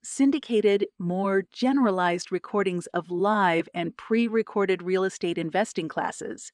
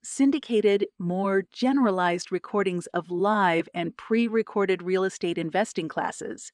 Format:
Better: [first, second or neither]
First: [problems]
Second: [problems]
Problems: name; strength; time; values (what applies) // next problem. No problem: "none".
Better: neither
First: none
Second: none